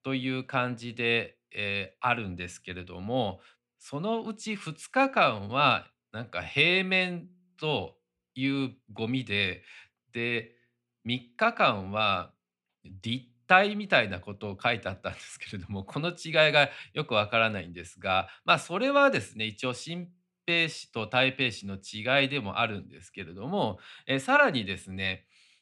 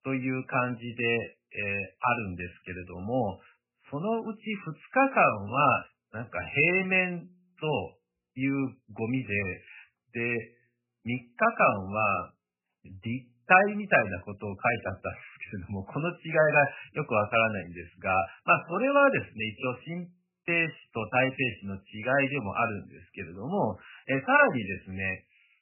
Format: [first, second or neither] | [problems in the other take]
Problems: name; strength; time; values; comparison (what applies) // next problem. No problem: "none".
first | garbled, watery; badly; nothing above 2.5 kHz